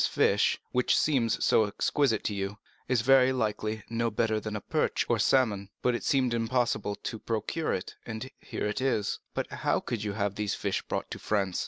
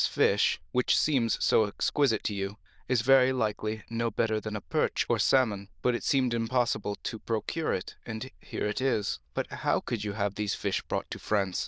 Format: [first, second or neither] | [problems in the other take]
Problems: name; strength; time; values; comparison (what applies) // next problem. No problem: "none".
first | noise reduction (neural diffusion model UNIVERSE++)